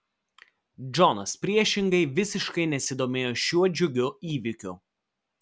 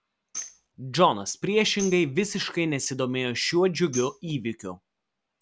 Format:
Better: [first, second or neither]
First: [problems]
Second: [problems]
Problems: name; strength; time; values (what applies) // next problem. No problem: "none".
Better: first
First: none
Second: background sound (Tambourine); 17 dB below the speech